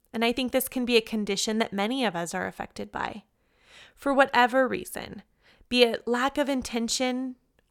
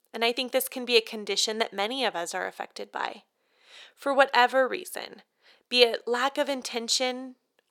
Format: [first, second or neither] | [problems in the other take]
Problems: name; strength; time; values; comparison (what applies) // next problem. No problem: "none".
first | thin; somewhat; fading below 450 Hz